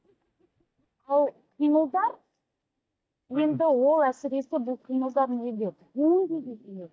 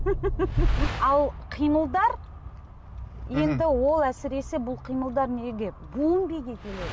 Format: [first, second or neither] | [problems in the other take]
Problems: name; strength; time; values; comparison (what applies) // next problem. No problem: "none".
second | noise reduction (neural mask model DeepFilterNet 3)